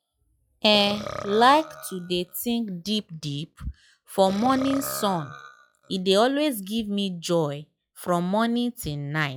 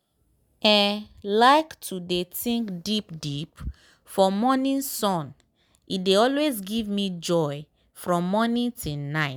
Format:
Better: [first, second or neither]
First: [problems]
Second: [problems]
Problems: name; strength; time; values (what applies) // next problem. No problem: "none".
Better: second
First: noise reduction (classical method log-MMSE)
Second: none